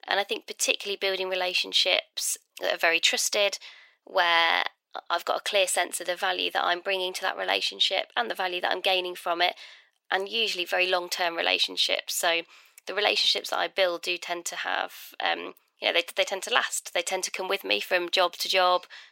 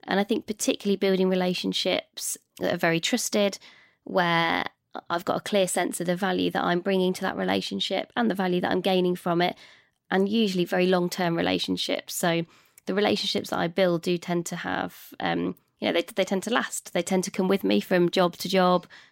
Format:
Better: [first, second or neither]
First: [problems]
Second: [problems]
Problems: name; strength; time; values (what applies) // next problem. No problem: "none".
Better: second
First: thin; very; fading below 500 Hz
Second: none